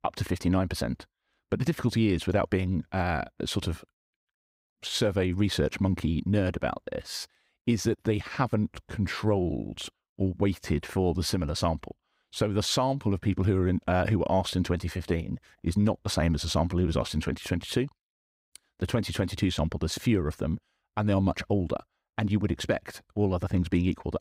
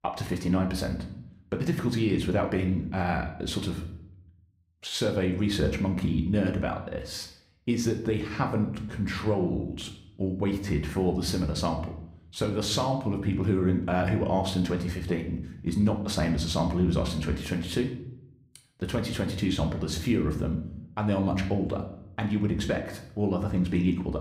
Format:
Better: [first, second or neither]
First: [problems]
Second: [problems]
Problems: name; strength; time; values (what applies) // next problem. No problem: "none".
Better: first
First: none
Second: room echo; slight; dies away in 0.6 s